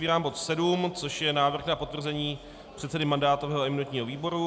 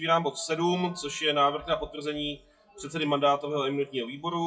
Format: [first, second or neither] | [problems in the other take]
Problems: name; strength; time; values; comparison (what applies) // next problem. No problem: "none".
first | noise reduction (classical method WPE with log-MMSE)